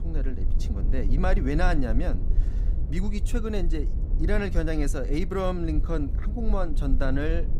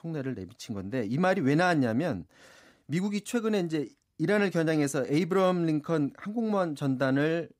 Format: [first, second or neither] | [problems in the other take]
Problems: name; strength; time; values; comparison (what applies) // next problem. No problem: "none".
second | low rumble; noticeable; throughout; 15 dB below the speech